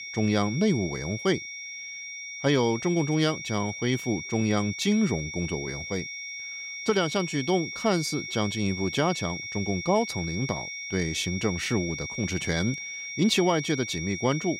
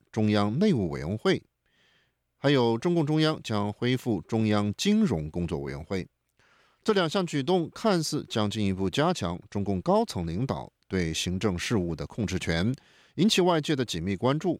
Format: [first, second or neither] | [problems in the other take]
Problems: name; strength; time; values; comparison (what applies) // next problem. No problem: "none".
second | high-pitched whine; loud; throughout; 2 kHz, 7 dB below the speech